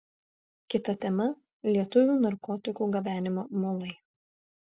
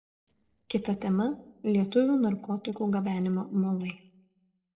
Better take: first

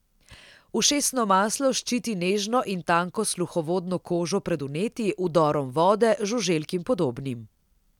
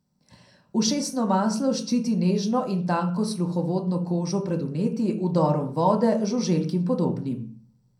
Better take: first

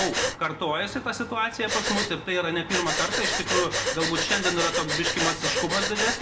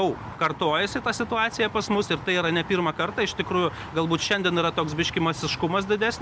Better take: second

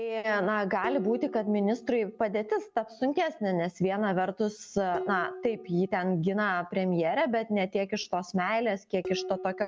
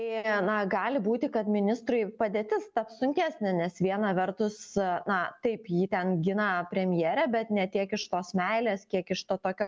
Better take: second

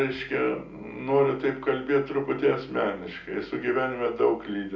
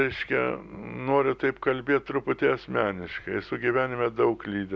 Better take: second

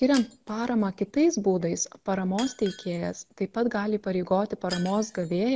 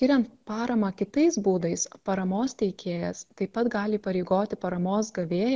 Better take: second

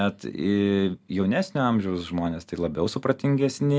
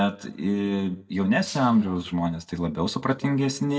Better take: first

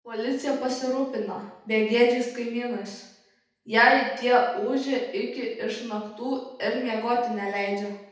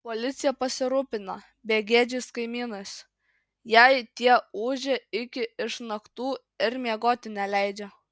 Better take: second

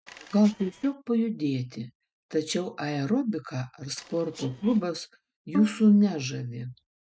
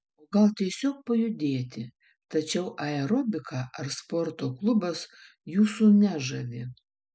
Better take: second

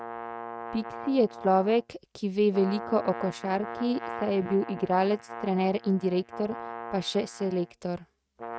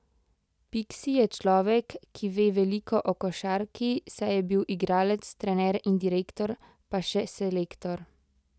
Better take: second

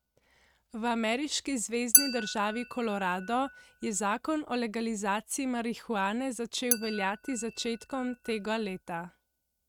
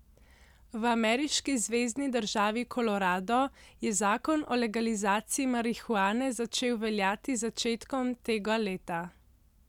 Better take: second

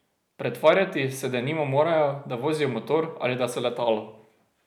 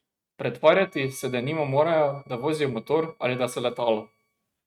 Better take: first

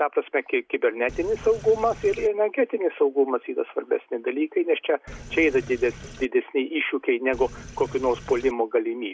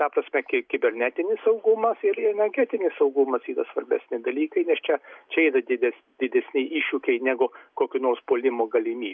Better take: second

